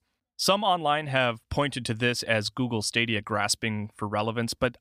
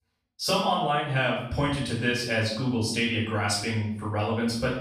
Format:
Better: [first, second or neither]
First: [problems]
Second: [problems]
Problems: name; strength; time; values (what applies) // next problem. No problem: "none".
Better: first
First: none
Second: room echo; noticeable; dies away in 0.6 s // off-mic speech; far